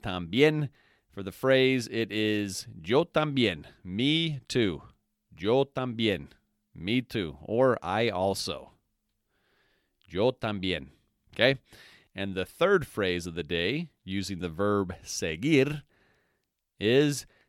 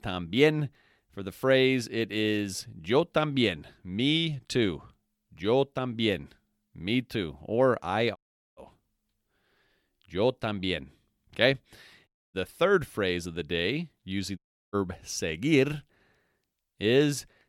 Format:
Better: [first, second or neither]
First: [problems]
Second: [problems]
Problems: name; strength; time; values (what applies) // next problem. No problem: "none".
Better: first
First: none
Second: audio cutting out; at 8 s, at 12 s and at 14 s